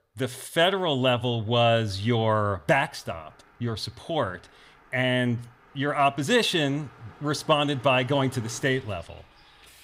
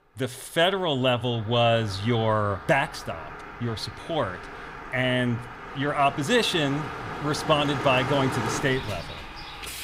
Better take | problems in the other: first | traffic noise; loud; throughout; 10 dB below the speech; faint in the first

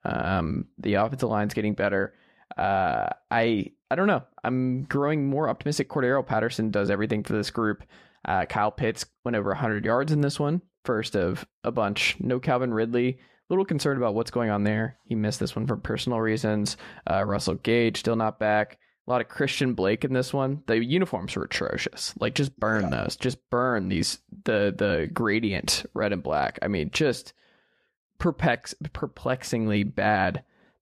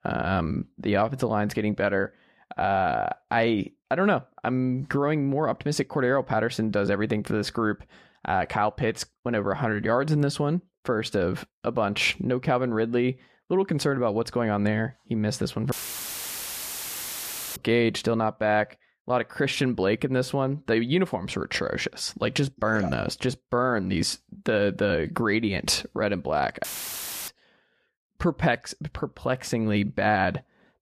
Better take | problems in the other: first | audio cutting out; filled with static; at 16 s for 2 s and at 27 s for 0.5 s

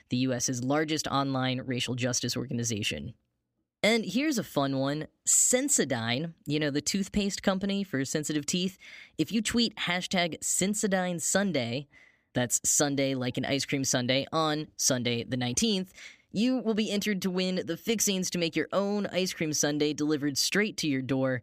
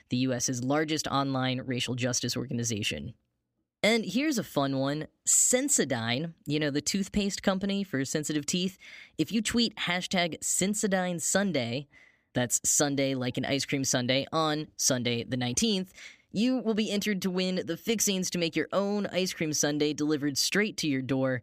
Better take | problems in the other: neither | none

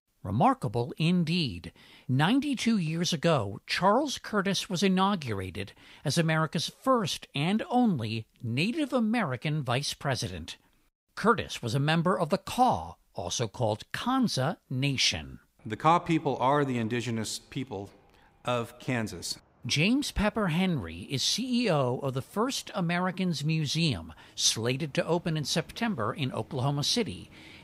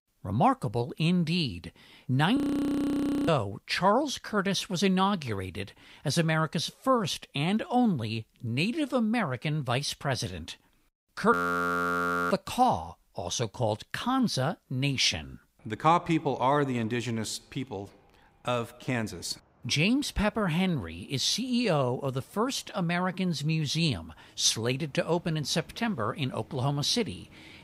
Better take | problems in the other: first | audio freezing; at 2.5 s for 1 s and at 11 s for 1 s

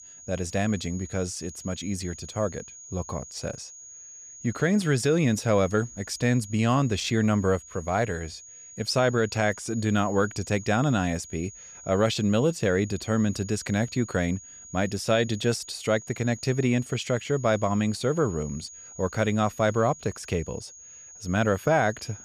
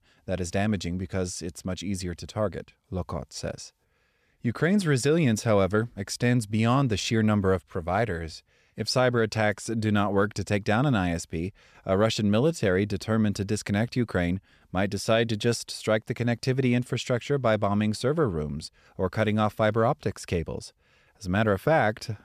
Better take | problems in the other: second | high-pitched whine; noticeable; throughout; 6.5 kHz, 15 dB below the speech

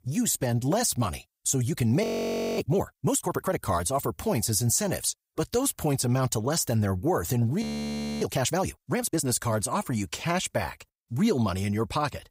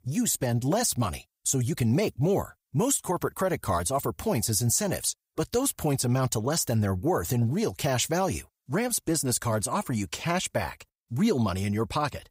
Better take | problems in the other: second | audio freezing; at 2 s for 0.5 s and at 7.5 s for 0.5 s

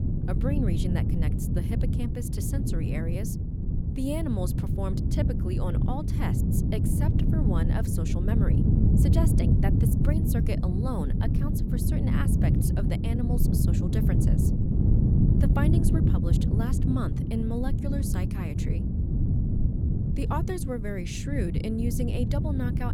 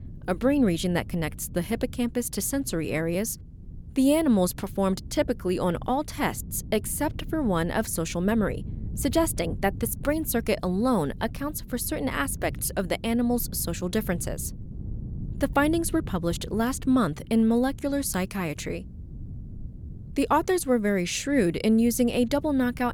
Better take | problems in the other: second | wind noise on the microphone; heavy; 1 dB above the speech; occasional gusts in the second

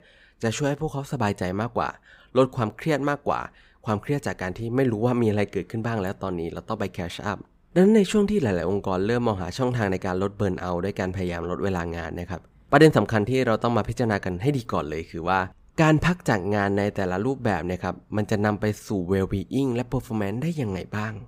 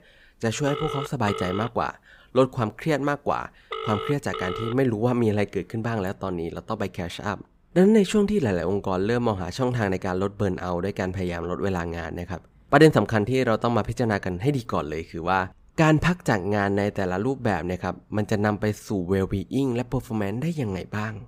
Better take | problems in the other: first | phone ringing; noticeable; from 0.5 to 4.5 s; peak 6 dB below the speech

